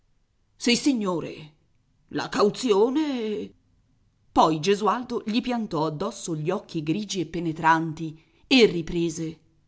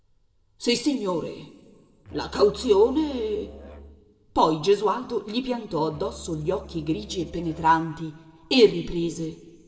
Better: first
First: none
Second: background sound (Musical instrument); 20 dB below the speech // room echo; dies away in 1.5 s

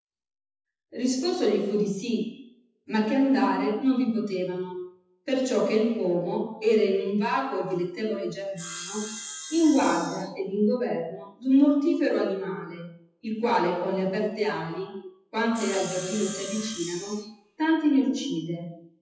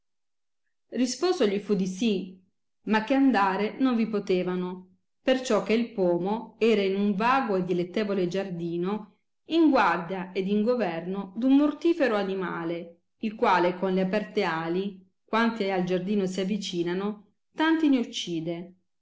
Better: second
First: noise reduction (classical method WPE with log-MMSE)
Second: none

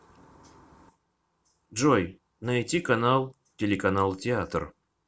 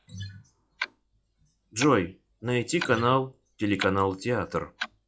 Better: first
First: none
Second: noise reduction (classical method log-MMSE)

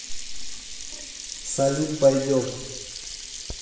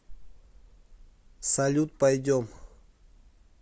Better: second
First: background sound (Sink (filling or washing)); 11 dB below the speech // room echo; dies away in 1.1 s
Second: none

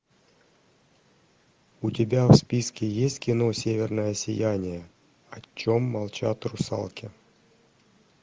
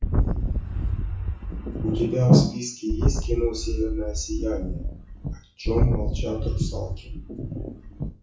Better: first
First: none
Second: noise reduction (classical method WPE with log-MMSE)

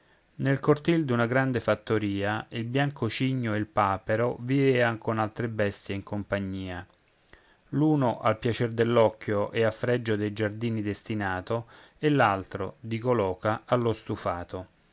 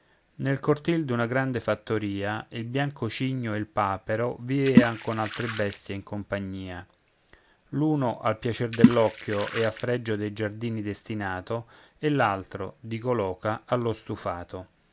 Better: first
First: none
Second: background sound (Water / Splash, splatter); 1 dB above the speech

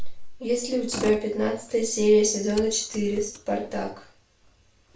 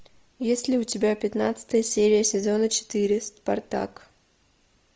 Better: second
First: background sound (Motor vehicle (road)); 19 dB below the speech // room echo; dies away in 0.3 s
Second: none

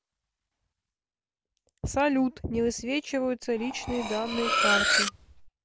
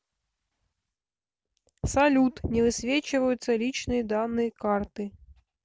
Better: second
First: background sound (Cutlery, silverware); 3 dB above the speech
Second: none

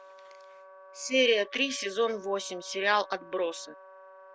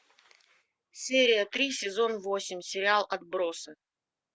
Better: second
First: background sound (Wind instrument, woodwind instrument); 19 dB below the speech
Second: none

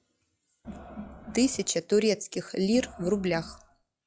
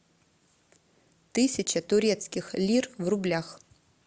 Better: second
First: noise reduction (classical method log-MMSE)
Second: none

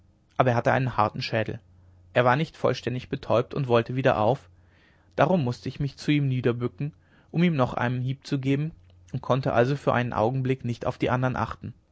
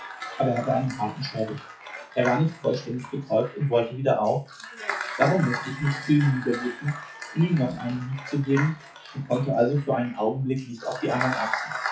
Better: first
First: none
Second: noise reduction (classical method WPE with log-MMSE)

